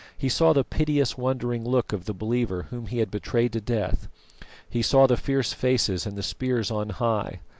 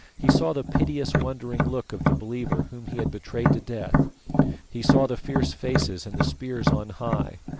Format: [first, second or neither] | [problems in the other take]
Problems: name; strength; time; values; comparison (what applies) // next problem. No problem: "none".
first | background sound (Tap); 5 dB above the speech